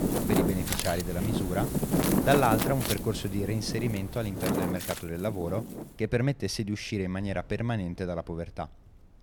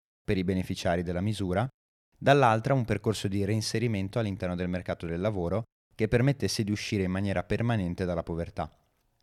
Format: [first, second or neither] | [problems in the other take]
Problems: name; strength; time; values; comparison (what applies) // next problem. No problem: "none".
second | wind in the background; very loud; throughout; as loud as the speech